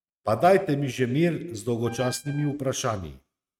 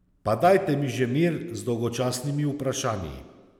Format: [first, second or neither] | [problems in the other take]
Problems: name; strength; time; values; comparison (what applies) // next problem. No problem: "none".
second | noise reduction (neural mask model RNNoise)